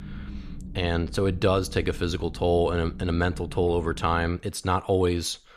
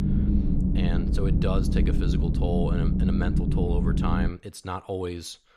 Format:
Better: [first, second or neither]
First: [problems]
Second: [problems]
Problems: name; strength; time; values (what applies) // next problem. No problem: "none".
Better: first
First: low rumble; faint; until 4.5 s; 25 dB below the speech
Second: low rumble; loud; until 4.5 s; 1 dB below the speech